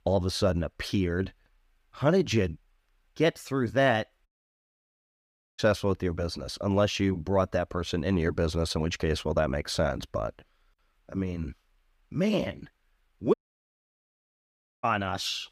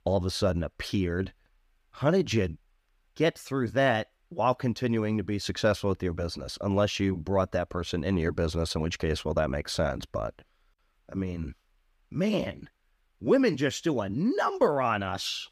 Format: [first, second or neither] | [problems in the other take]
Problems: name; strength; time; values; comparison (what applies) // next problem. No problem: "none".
second | audio cutting out; at 4.5 s for 1.5 s and at 13 s for 1.5 s